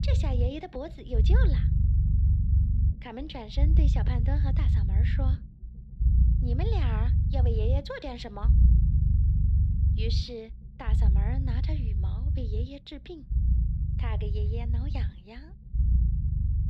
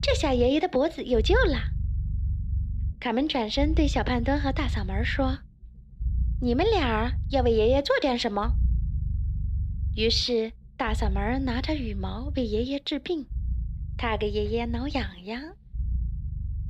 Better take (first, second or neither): second